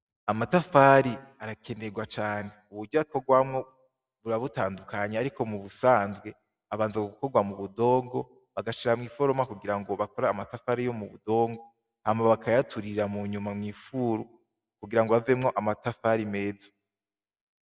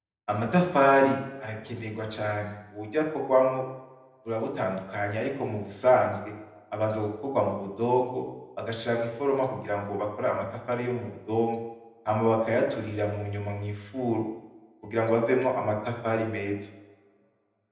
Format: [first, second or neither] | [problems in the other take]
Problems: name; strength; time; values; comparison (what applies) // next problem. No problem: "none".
first | room echo; dies away in 0.8 s